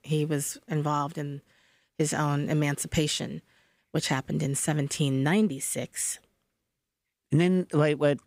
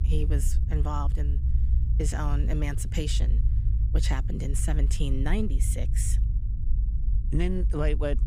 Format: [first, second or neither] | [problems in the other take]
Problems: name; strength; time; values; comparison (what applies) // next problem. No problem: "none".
first | low rumble; noticeable; throughout; 10 dB below the speech